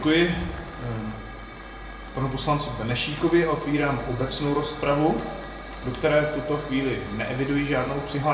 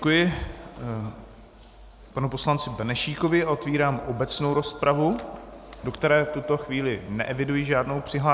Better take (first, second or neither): second